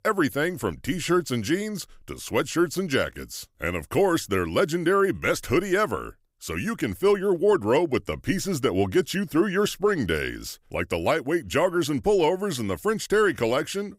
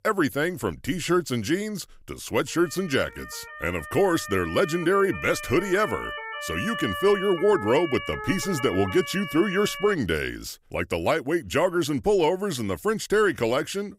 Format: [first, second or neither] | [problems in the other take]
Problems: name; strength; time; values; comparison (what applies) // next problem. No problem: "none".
first | siren; noticeable; from 2.5 to 10 s; peak 5 dB below the speech